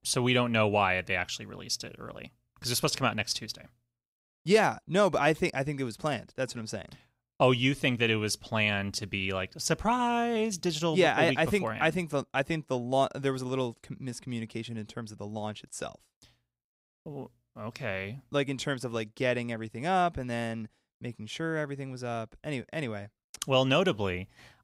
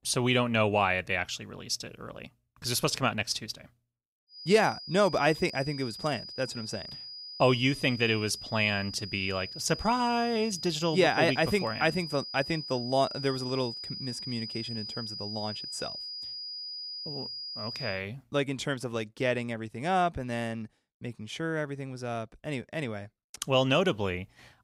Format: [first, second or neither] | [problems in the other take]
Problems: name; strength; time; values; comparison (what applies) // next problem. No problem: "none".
first | high-pitched whine; loud; from 4.5 to 18 s; 5 kHz, 9 dB below the speech